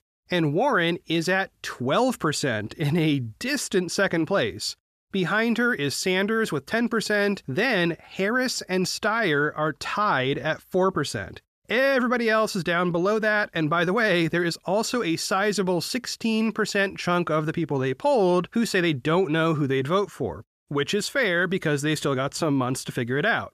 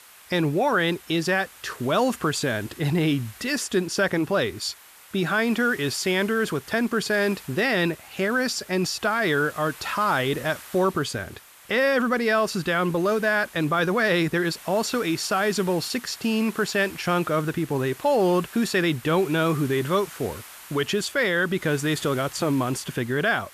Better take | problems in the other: first | hiss; noticeable; throughout; 20 dB below the speech

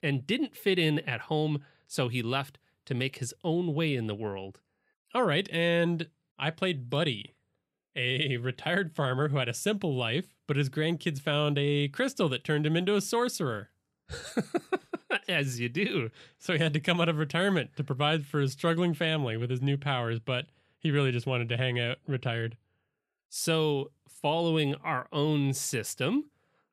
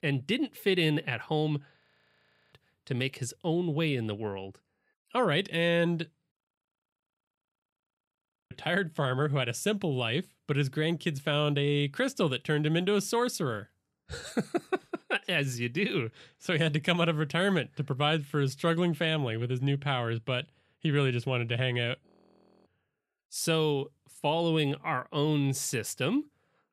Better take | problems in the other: first | audio freezing; at 2 s for 0.5 s, at 6.5 s for 2 s and at 22 s for 0.5 s

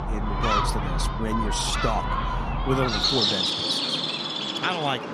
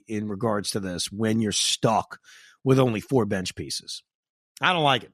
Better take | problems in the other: second | animal sounds; very loud; throughout; 4 dB above the speech

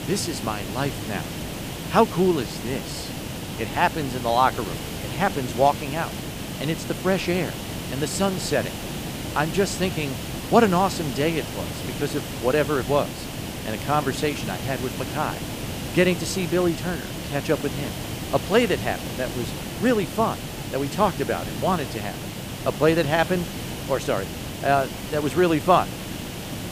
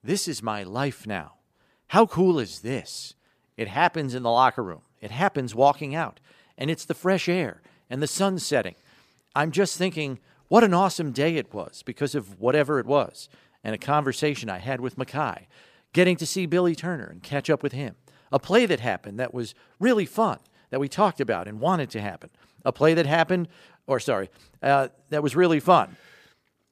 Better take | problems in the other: second | hiss; loud; throughout; 7 dB below the speech

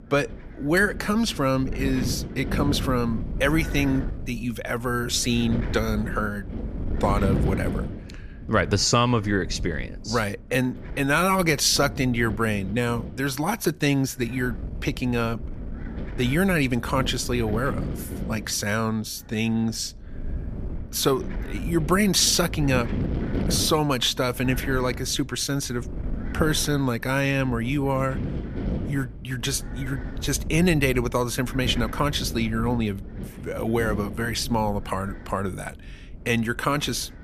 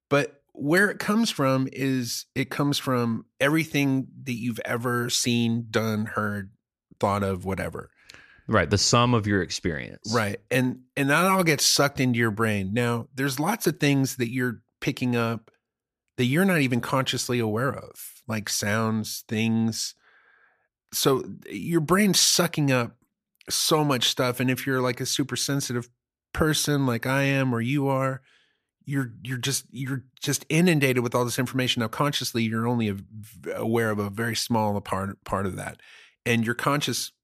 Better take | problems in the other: second | wind noise on the microphone; occasional gusts; 15 dB below the speech

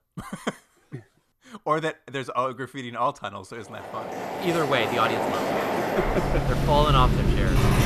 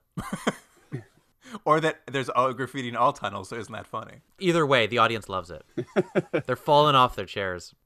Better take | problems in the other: second | household noises; very loud; from 4 s on; 2 dB above the speech

